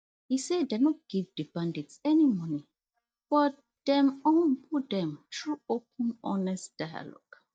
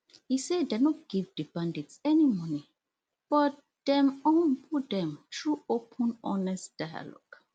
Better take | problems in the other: second | noise reduction (neural mask model DeepFilterNet 3)

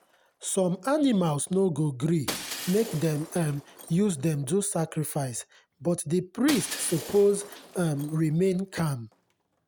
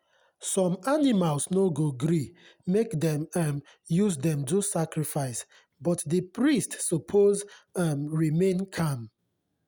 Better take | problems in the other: second | background sound (Shatter); 15 dB below the speech

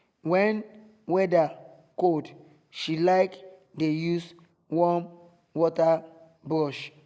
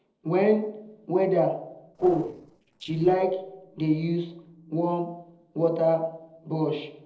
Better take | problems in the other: first | noise reduction (neural separator model SepFormer DNS4)

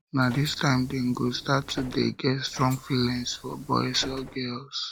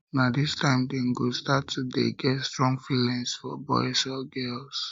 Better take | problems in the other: second | background sound (Bus); 17 dB below the speech

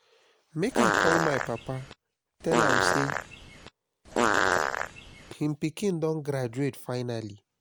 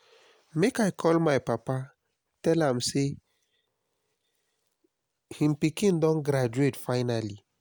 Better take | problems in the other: second | background sound (Fart); 5 dB above the speech

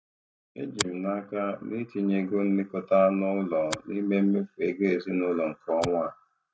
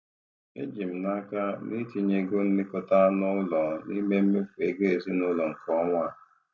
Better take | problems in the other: second | noise reduction (neural mask model RNNoise)

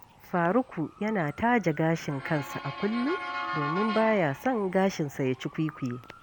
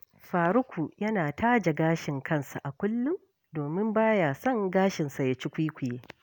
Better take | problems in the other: second | background sound (Motor vehicle (road) / Siren); 11 dB below the speech

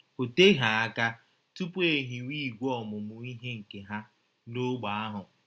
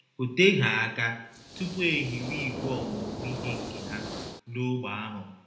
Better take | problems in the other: first | background sound (Hiss); 8 dB below the speech // room echo; dies away in 0.7 s

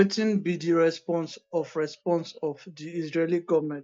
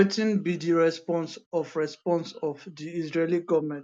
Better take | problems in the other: second | noise reduction (neural mask model DeepFilterNet 3)

